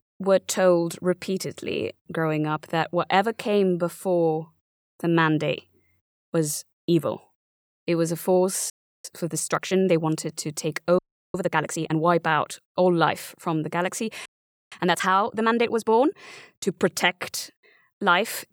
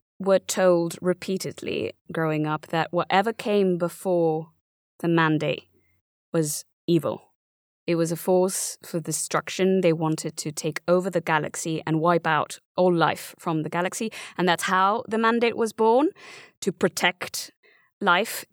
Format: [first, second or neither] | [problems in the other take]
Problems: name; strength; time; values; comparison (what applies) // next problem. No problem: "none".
second | audio freezing; at 8.5 s, at 11 s and at 14 s